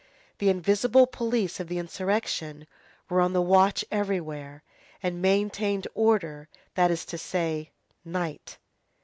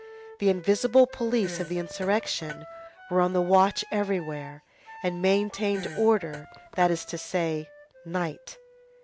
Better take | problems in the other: first | background sound (Fart + Wind instrument, woodwind instrument); 17 dB below the speech

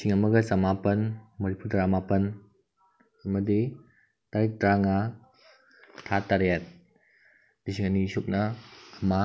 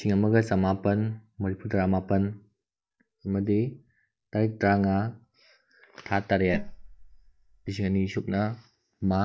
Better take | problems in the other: first | noise reduction (neural mask model DeepFilterNet 3)

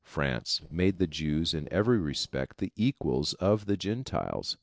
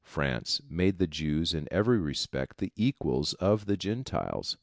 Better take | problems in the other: second | noise reduction (neural separator model SepFormer DNS4)

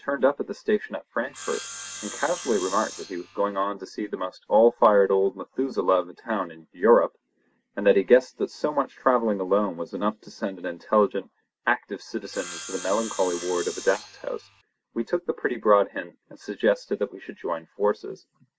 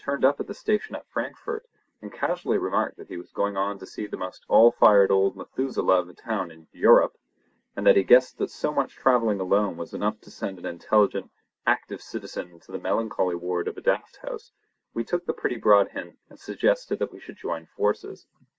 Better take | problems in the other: second | background sound (Sawing); 13 dB below the speech

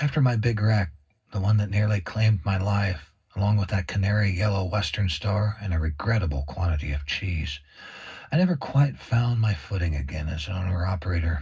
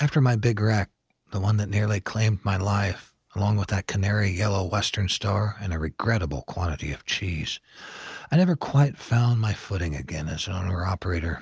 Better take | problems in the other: second | room echo; dies away in 0.4 s

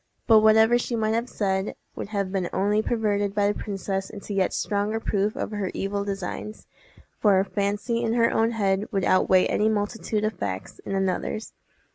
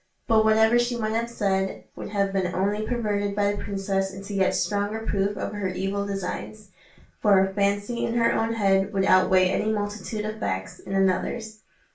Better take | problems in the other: first | room echo; dies away in 0.3 s

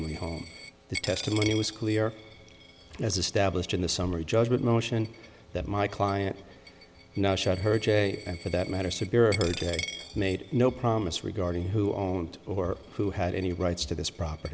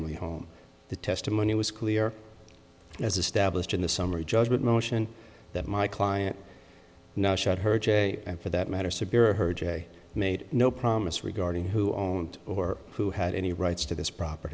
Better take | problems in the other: second | background sound (Coin (dropping)); 16 dB below the speech

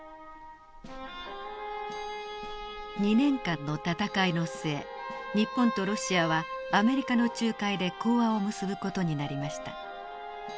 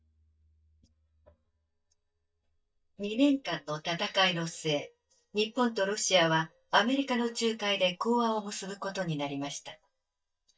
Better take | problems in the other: first | noise reduction (neural mask model DeepFilterNet 3)

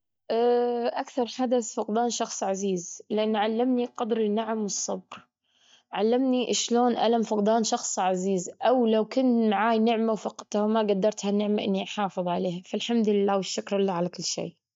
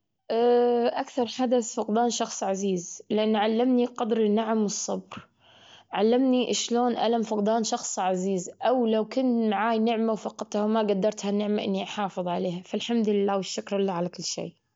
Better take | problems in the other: second | noise reduction (neural mask model DeepFilterNet 3)

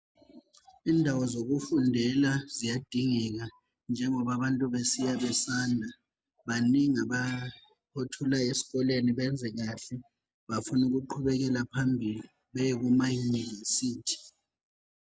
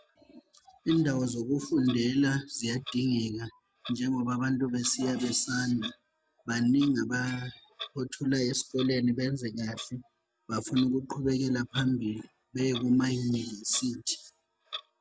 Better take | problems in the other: first | background sound (Clock); 19 dB below the speech

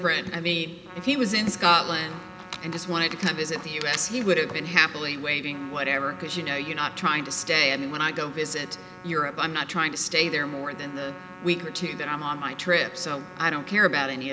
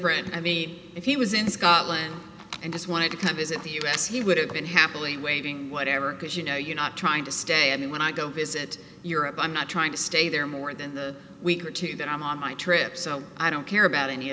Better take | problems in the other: second | background sound (Trumpet); 19 dB below the speech

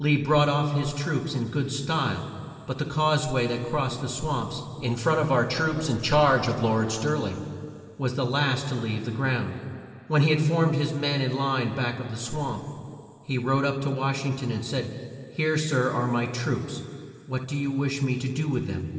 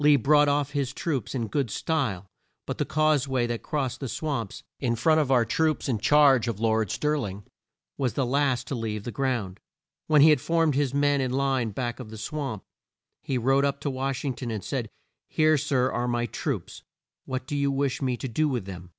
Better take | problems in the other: second | room echo; dies away in 2.7 s

